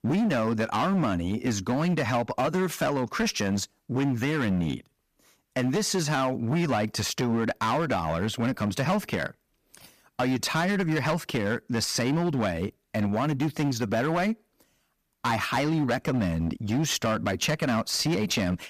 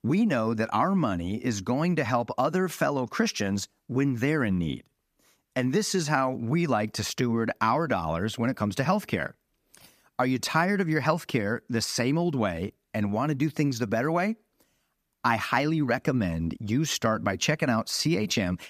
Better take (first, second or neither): second